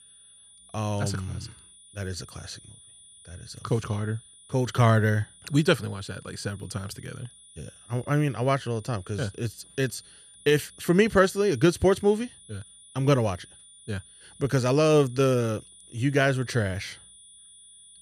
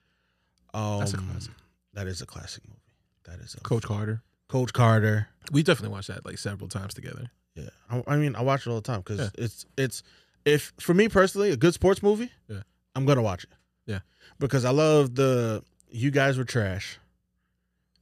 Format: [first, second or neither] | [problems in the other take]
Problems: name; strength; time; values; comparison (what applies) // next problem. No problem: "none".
second | high-pitched whine; faint; throughout; 9.5 kHz, 25 dB below the speech